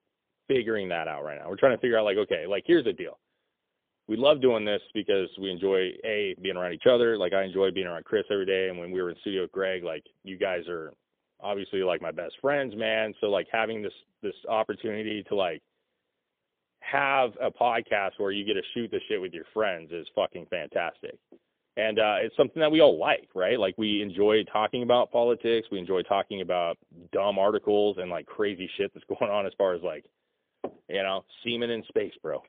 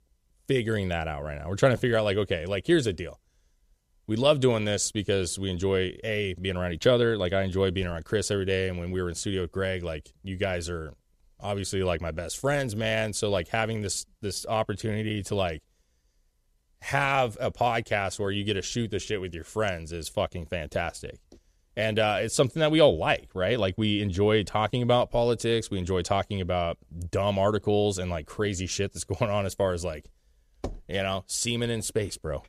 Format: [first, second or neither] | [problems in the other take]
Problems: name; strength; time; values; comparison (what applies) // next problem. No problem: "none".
second | phone-call audio; poor line; nothing above 3.5 kHz